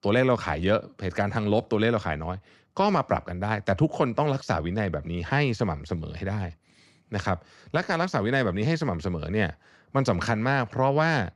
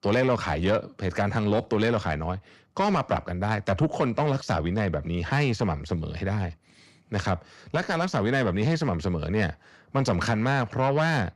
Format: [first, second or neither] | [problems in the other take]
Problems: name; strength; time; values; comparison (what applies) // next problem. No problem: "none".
first | distortion; slight; 10 dB below the speech